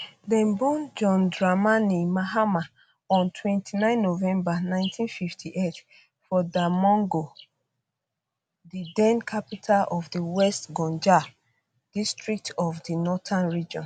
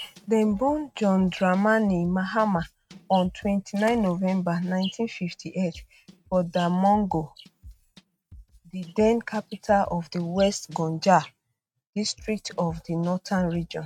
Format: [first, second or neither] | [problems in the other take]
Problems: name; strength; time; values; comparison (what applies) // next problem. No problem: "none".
first | noise reduction (neural mask model RNNoise)